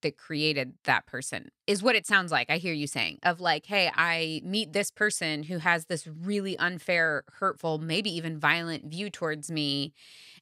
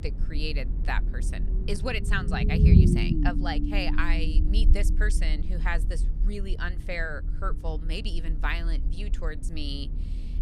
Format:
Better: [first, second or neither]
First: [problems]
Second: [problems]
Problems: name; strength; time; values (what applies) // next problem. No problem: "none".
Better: first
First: none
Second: low rumble; loud; throughout; 4 dB below the speech